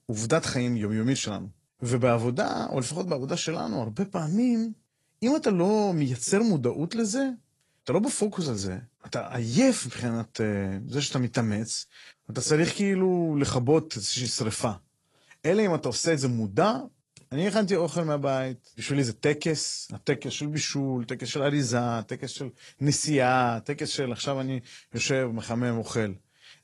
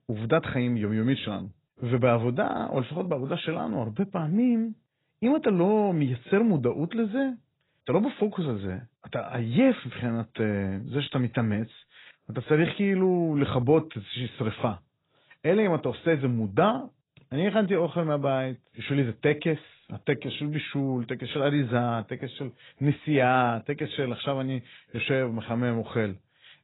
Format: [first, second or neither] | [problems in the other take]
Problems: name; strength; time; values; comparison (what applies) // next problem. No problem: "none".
first | garbled, watery; badly; nothing above 4 kHz; slightly in the first